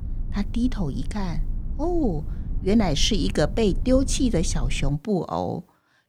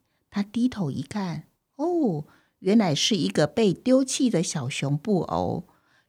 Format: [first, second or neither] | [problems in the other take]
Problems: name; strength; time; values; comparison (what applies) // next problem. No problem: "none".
second | low rumble; faint; until 5 s; 20 dB below the speech